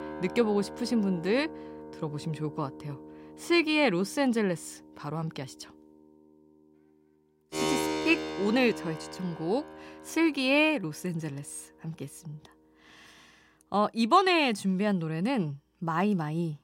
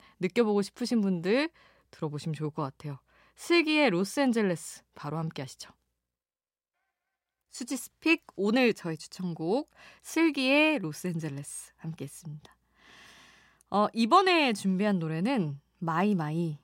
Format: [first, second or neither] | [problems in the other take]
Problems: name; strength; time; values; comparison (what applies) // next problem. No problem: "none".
second | background music; noticeable; throughout; 10 dB below the speech